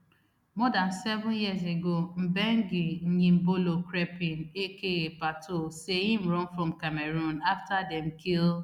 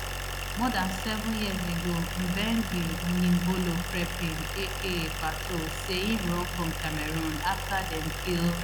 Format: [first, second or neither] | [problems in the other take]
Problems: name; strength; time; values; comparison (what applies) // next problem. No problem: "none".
first | background sound (Idling); 3 dB below the speech